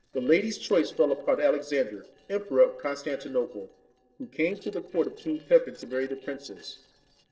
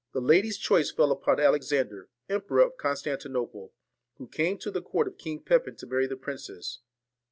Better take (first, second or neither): second